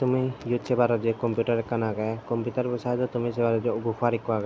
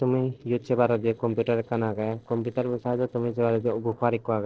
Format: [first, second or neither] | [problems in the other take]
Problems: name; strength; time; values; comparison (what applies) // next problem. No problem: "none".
first | noise reduction (neural separator model SepFormer DNS4)